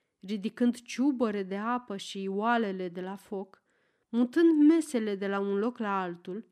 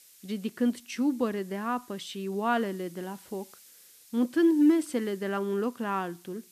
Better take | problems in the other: first | hiss; faint; throughout; 25 dB below the speech

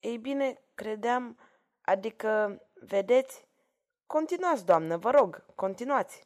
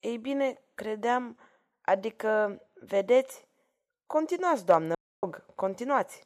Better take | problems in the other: first | audio cutting out; at 5 s

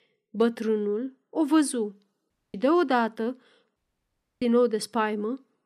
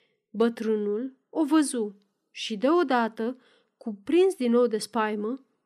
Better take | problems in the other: second | audio cutting out; at 2.5 s and at 4 s for 0.5 s

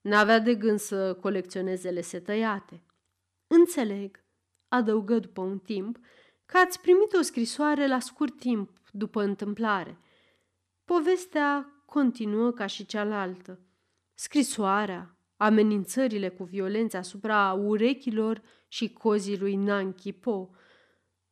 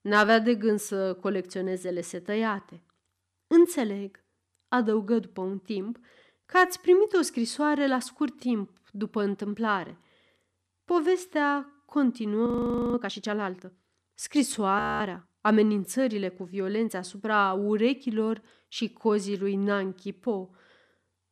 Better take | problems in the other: first | audio freezing; at 12 s and at 15 s

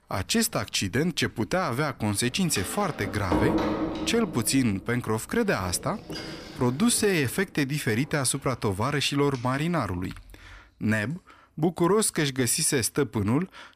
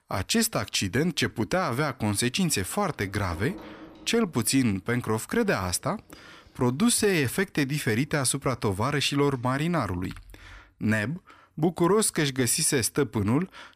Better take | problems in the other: second | household noises; loud; throughout; 7 dB below the speech; faint in the second

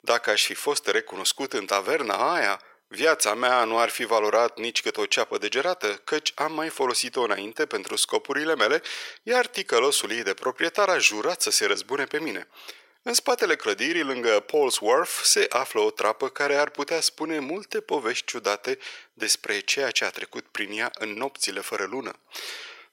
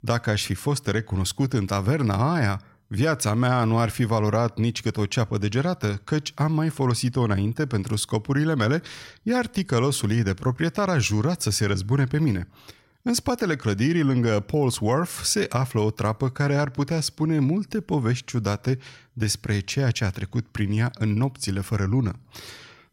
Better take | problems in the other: second | thin; very; fading below 400 Hz

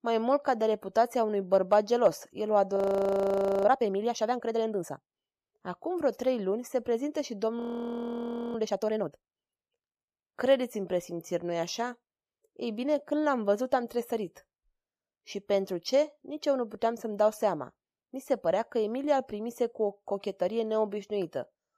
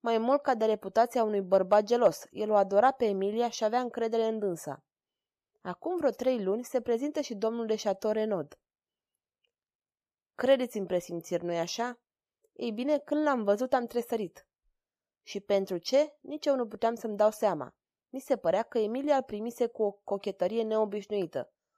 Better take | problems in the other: second | audio freezing; at 3 s for 1 s and at 7.5 s for 1 s

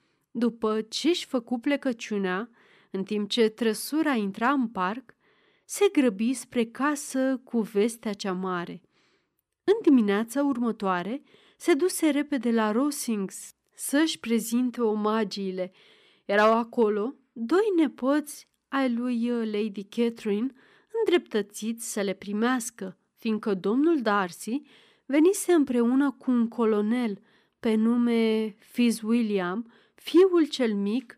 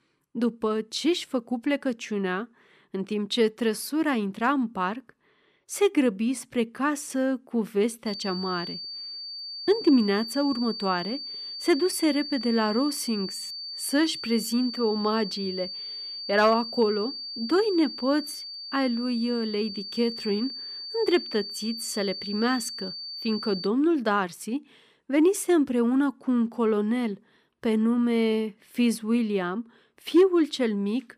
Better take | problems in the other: first | high-pitched whine; loud; from 8 to 24 s; 4.5 kHz, 8 dB below the speech

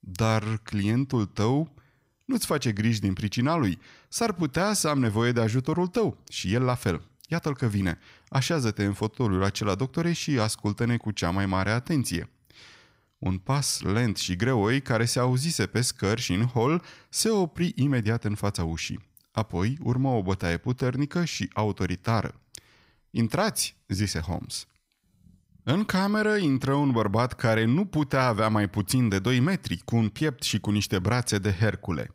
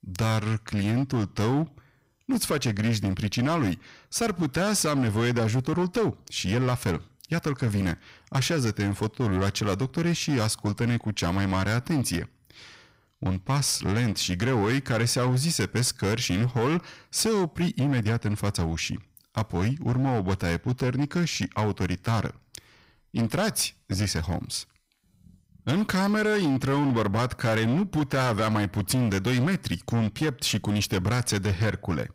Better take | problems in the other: first | distortion; slight; 14% of the sound clipped

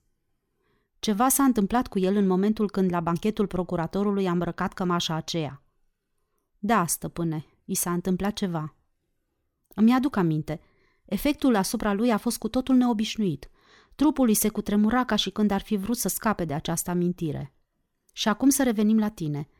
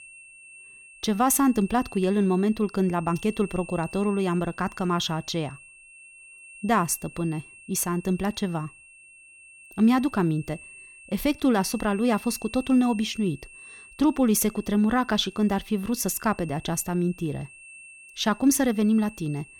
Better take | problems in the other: first | high-pitched whine; noticeable; throughout; 2.5 kHz, 20 dB below the speech

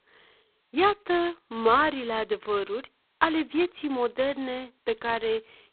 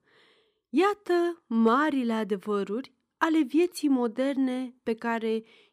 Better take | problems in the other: second | phone-call audio; poor line; nothing above 4 kHz

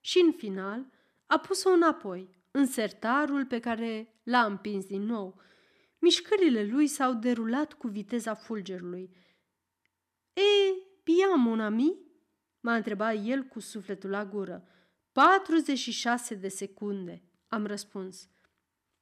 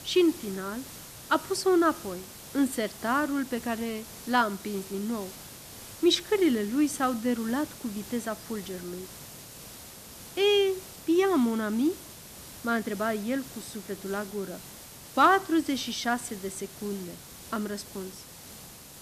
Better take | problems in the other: first | hiss; noticeable; throughout; 15 dB below the speech

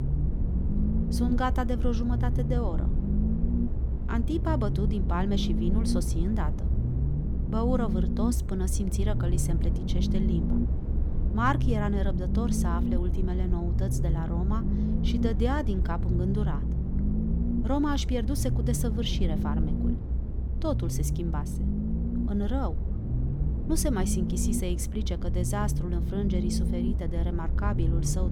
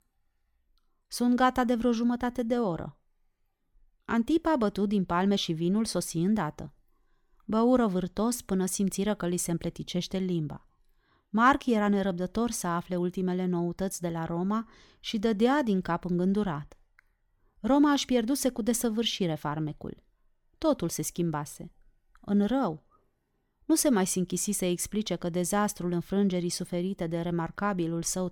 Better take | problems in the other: second | low rumble; loud; throughout; 5 dB below the speech

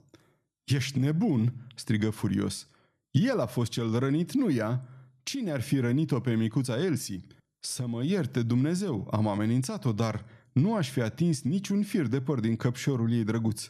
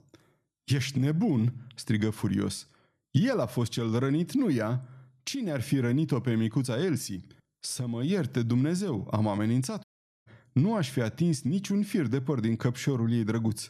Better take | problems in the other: first | audio cutting out; at 10 s

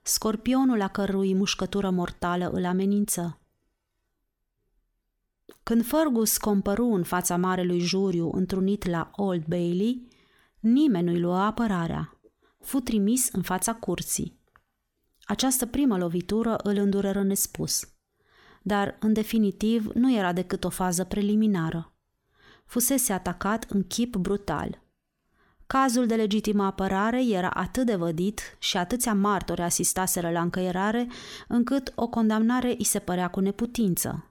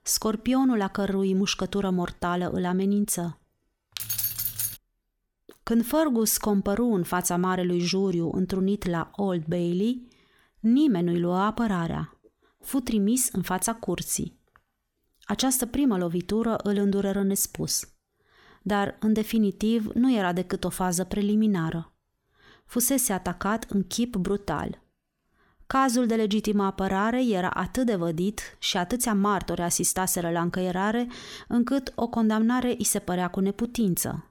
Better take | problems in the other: first | jangling keys; loud; at 4 s; peak level with the speech

